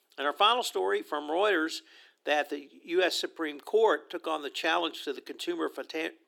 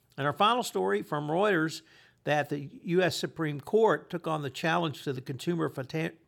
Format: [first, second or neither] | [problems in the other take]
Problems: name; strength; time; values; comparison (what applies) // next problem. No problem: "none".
second | thin; somewhat; fading below 300 Hz